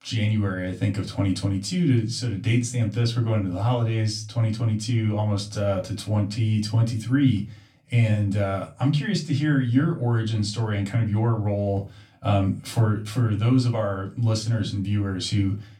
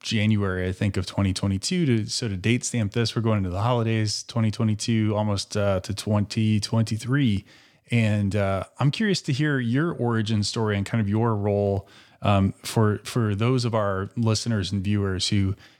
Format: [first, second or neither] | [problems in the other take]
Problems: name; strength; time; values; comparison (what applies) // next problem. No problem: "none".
second | off-mic speech; far // room echo; very slight; dies away in 0.2 s